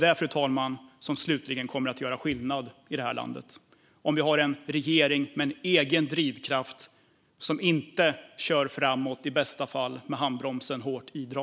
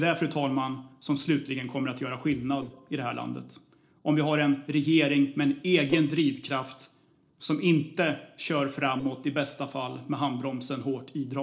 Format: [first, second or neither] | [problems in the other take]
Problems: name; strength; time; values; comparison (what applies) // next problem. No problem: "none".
first | noise reduction (neural separator model SepFormer DNS4)